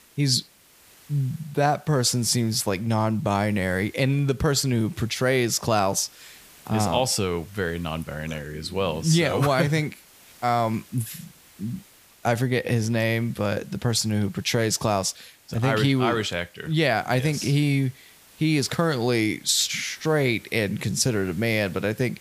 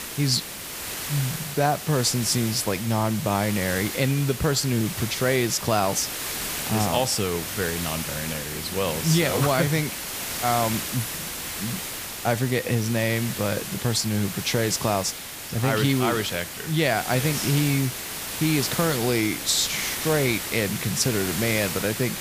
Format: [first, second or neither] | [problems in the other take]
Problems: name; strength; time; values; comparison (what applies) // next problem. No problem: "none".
first | hiss; loud; throughout; 5 dB below the speech; faint in the first